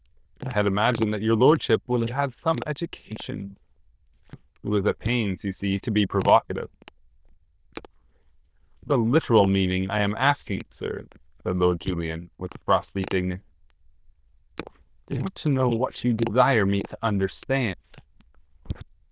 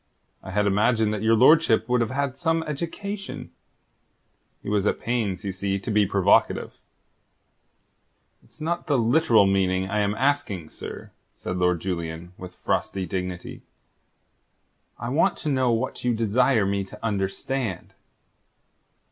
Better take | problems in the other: second | noise reduction (neural diffusion model UNIVERSE++)

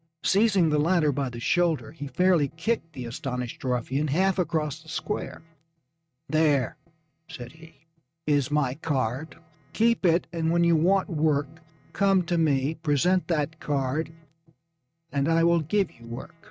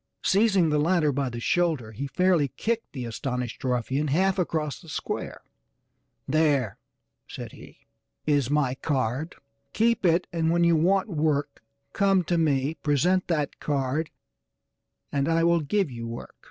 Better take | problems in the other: second | noise reduction (neural mask model RNNoise)

